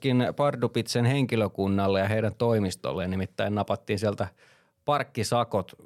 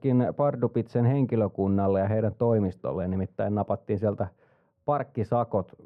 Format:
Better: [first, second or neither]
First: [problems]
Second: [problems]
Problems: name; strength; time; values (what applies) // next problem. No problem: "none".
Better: first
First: none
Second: muffled; very; fading above 2.5 kHz